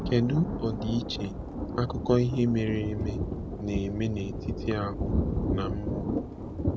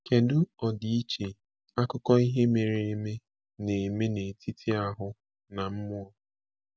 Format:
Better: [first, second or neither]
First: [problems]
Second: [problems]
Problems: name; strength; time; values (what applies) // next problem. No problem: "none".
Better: second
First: background sound (Thunder); 2 dB below the speech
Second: none